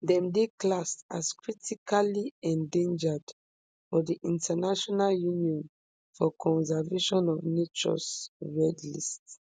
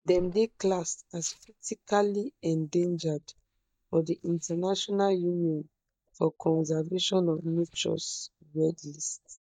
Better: first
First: none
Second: noise reduction (neural mask model DeepFilterNet 3)

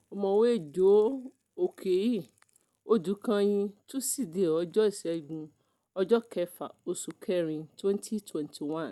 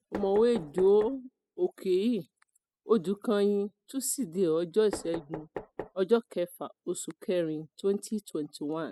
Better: first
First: none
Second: noise reduction (classical method spectral subtraction)

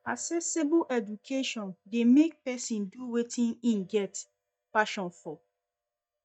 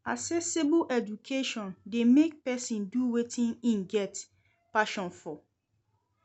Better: second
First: noise reduction (neural mask model DeepFilterNet 3)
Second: none

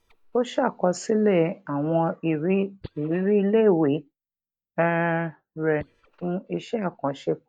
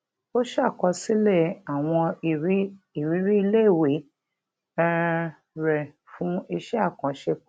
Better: second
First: noise reduction (neural mask model DeepFilterNet 3)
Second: none

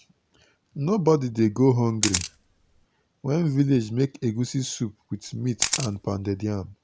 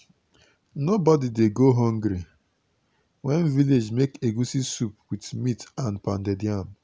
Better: second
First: background sound (Camera); 6 dB below the speech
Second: none

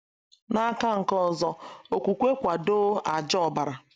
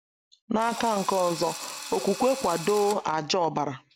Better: first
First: none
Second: background sound (Drill); 12 dB below the speech

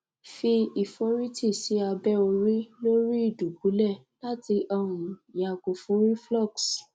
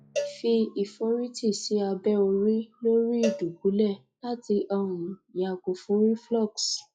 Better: first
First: none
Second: noise reduction (classical method log-MMSE)

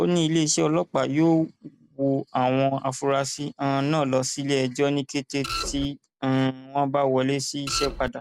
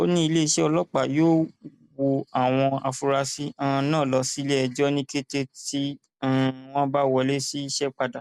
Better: second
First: background sound (Printer); 7 dB below the speech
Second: none

